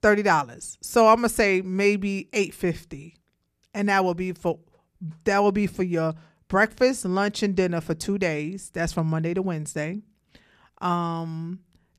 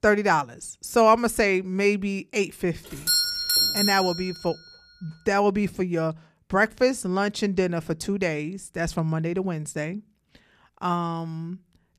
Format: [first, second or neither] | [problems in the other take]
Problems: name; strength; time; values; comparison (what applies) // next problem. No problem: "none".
first | doorbell; loud; from 3 to 4 s; peak 6 dB above the speech